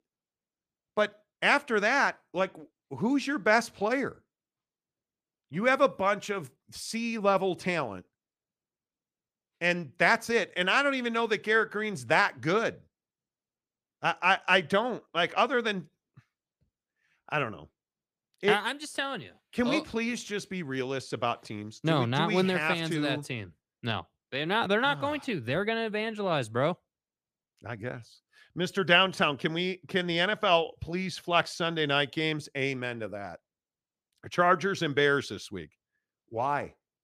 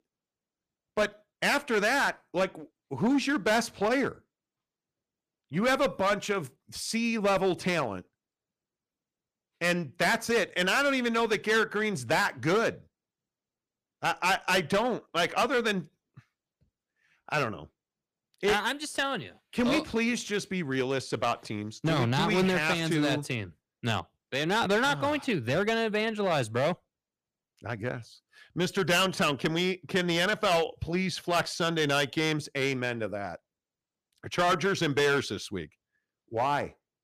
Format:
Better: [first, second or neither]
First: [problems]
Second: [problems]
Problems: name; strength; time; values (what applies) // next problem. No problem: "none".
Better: first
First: none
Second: distortion; heavy; 6% of the sound clipped